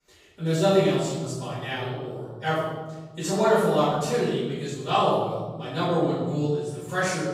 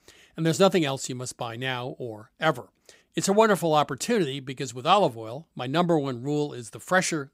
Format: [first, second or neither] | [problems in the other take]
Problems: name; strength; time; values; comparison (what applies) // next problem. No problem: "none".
second | off-mic speech; far // room echo; strong; dies away in 1.5 s